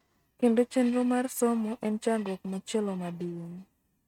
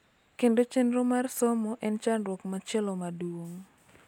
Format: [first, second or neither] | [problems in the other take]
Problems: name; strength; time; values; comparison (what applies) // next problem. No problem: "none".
second | noise reduction (neural mask model RNNoise)